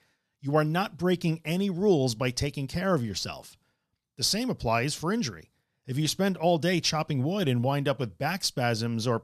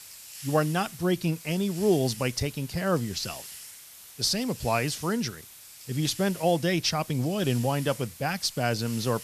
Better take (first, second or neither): first